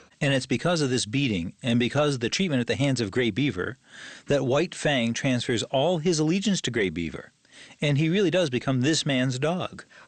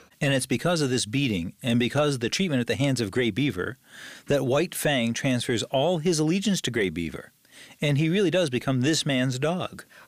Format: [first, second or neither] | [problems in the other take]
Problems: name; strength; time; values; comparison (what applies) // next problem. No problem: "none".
second | garbled, watery; slightly; nothing above 8.5 kHz